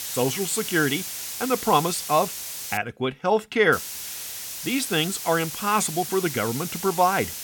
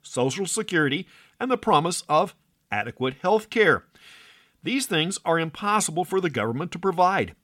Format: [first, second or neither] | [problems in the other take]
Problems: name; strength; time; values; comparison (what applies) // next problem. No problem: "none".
second | hiss; loud; until 3 s and from 3.5 s on; 7 dB below the speech